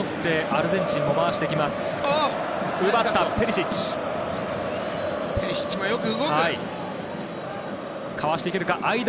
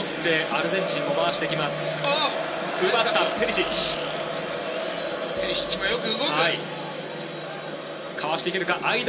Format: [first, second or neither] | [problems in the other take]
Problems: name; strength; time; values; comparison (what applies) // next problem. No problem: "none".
first | background sound (Fart); 15 dB below the speech // room echo; dies away in 0.2 s